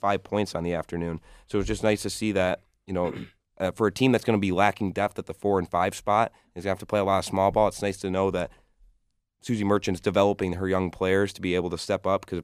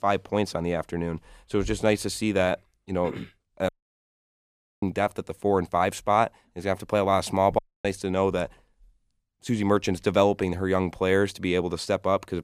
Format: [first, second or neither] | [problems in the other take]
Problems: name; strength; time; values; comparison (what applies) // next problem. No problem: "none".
first | audio cutting out; at 3.5 s for 1 s and at 7.5 s